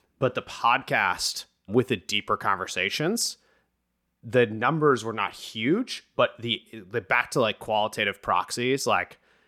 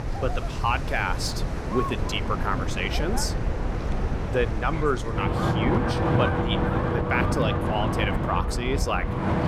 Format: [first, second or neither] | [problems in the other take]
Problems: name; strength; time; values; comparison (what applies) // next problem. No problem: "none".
first | wind in the background; very loud; throughout; 2 dB above the speech